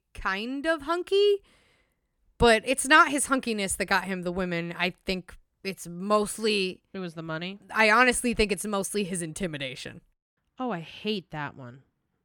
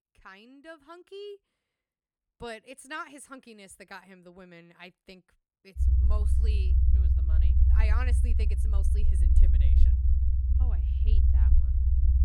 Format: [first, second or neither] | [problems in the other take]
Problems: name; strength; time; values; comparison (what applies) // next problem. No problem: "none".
first | low rumble; loud; from 6 s on; 2 dB below the speech